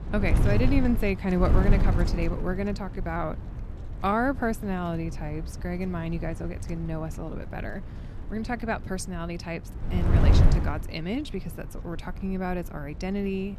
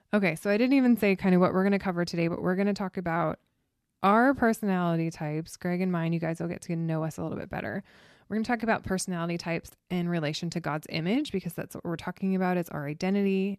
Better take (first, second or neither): second